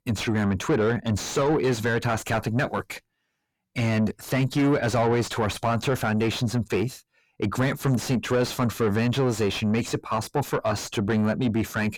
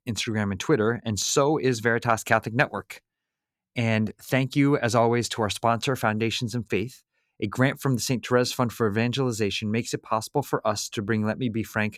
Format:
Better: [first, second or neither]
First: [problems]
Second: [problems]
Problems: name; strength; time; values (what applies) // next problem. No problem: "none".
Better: second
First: distortion; heavy; 6 dB below the speech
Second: none